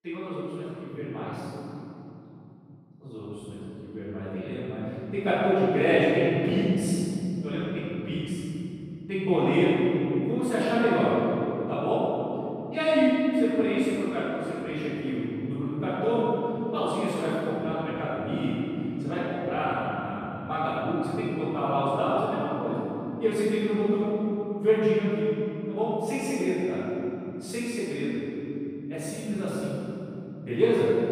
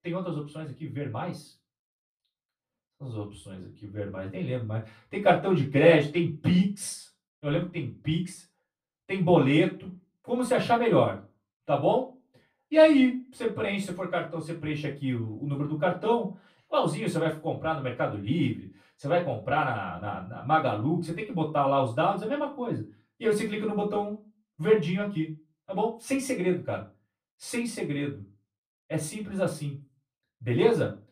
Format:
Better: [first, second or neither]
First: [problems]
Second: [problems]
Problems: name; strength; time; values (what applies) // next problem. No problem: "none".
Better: second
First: room echo; strong; dies away in 3 s // off-mic speech; far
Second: room echo; slight; dies away in 0.2 s // off-mic speech; far